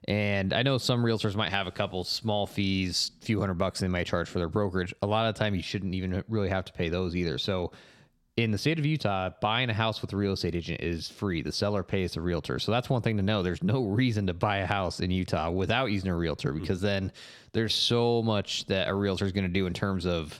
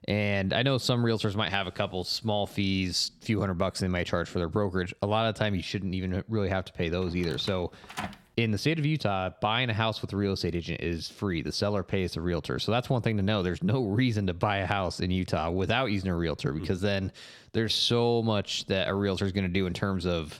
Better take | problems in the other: first | door banging; noticeable; from 7 to 8 s; peak 9 dB below the speech

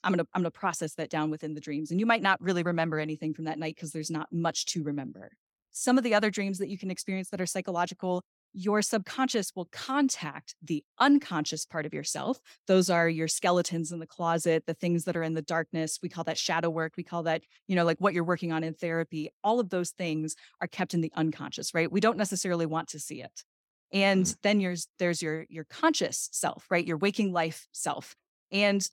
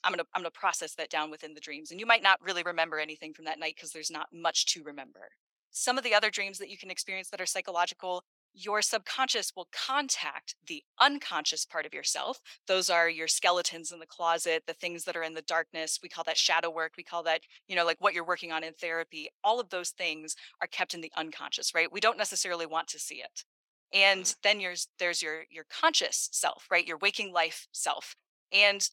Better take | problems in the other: first | thin; very; fading below 750 Hz

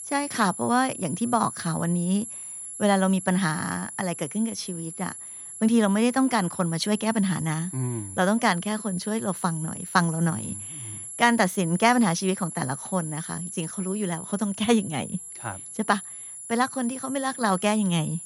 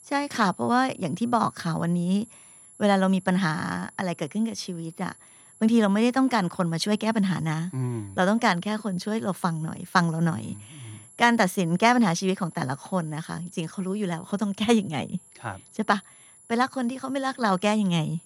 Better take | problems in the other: second | high-pitched whine; loud; throughout; 11 kHz, 10 dB below the speech; faint in the second

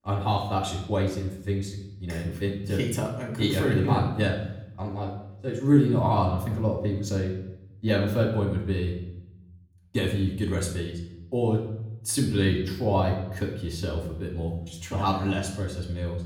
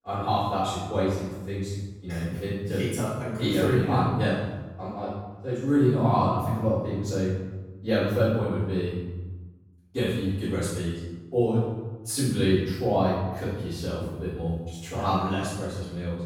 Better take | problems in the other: first | room echo; strong; dies away in 1 s; slight in the first // off-mic speech; far; far in the first

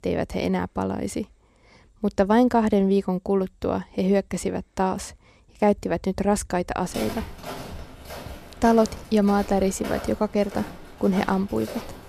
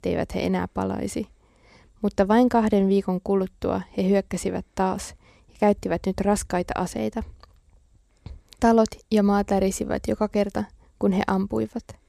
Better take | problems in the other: second | footsteps; noticeable; from 7 s on; peak 9 dB below the speech

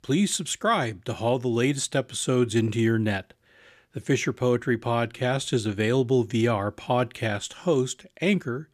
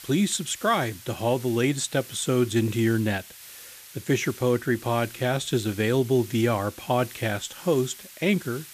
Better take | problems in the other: first | hiss; noticeable; throughout; 15 dB below the speech

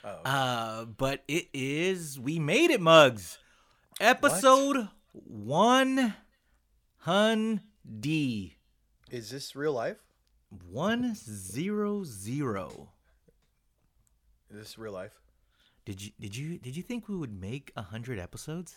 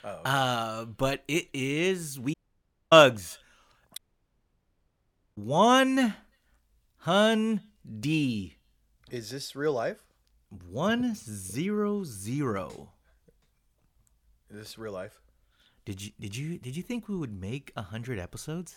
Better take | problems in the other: first | audio cutting out; at 2.5 s for 0.5 s and at 4 s for 1.5 s

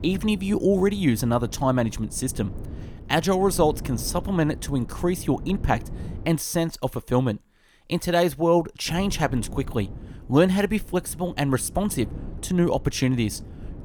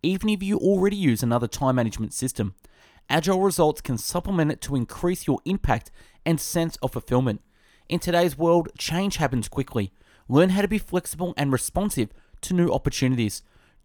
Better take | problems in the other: second | wind noise on the microphone; occasional gusts; until 6.5 s and from 9 s on; 20 dB below the speech

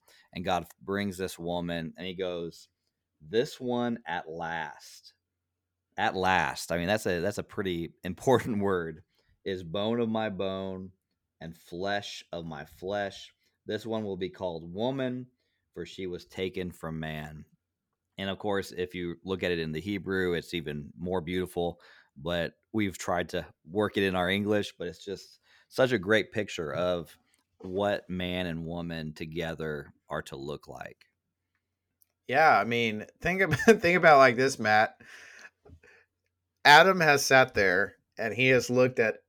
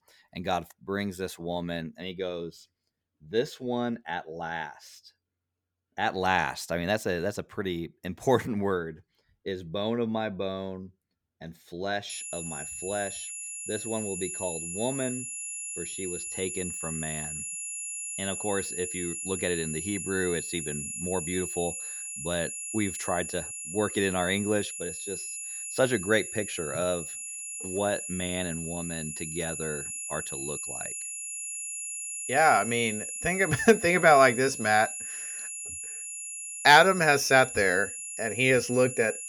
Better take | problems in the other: first | high-pitched whine; loud; from 12 s on; 11 kHz, 6 dB below the speech

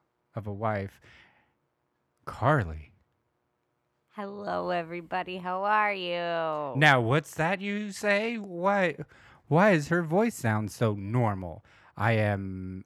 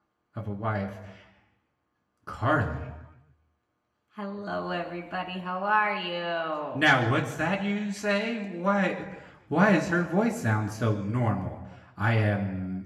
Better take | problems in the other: first | room echo; slight; dies away in 1 s // off-mic speech; somewhat distant

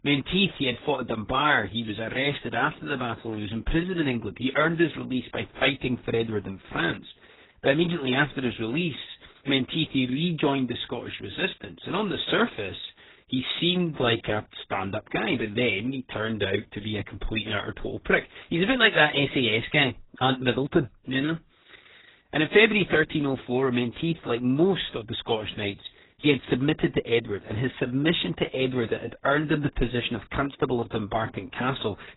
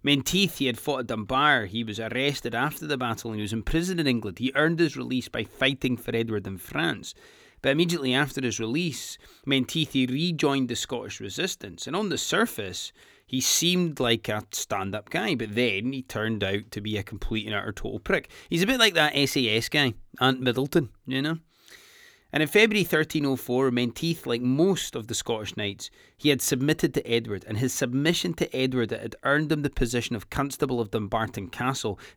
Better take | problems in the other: second | garbled, watery; badly; nothing above 4 kHz

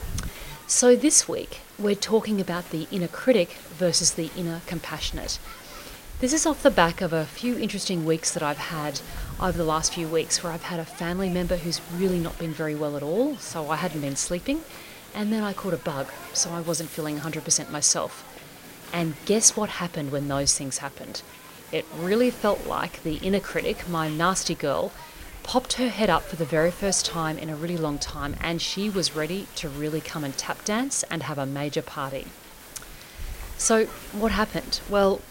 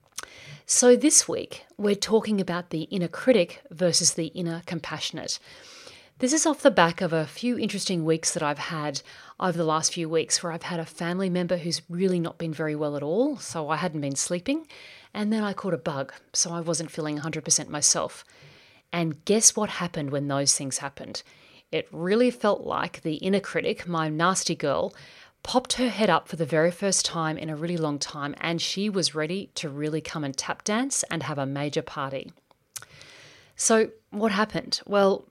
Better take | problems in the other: second | hiss; noticeable; throughout; 15 dB below the speech

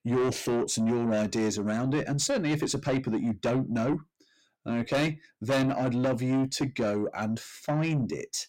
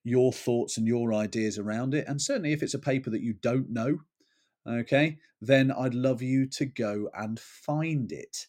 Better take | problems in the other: second | distortion; heavy; 7 dB below the speech

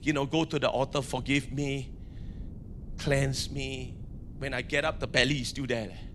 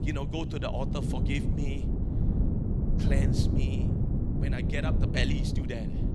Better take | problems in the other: first | wind noise on the microphone; heavy; 2 dB below the speech; occasional gusts in the first

